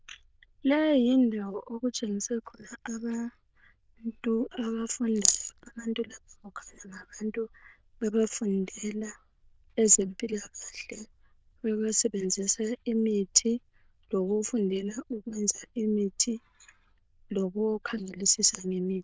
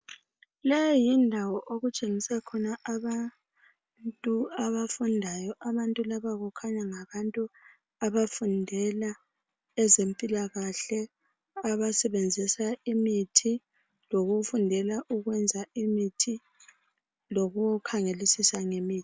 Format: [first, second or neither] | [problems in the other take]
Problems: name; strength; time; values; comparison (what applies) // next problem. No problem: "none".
second | noise reduction (neural diffusion model UNIVERSE++)